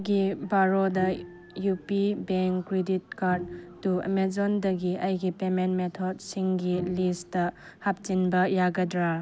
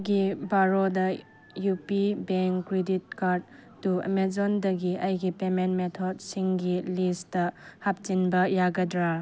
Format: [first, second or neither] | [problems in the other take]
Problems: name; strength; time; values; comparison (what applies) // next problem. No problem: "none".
second | background sound (Bowed string instrument); 14 dB below the speech